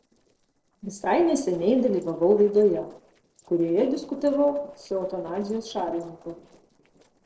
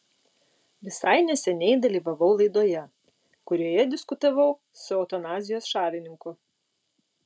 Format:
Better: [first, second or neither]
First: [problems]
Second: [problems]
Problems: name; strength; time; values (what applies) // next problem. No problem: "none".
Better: second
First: noise reduction (neural separator model SepFormer DNS4)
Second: none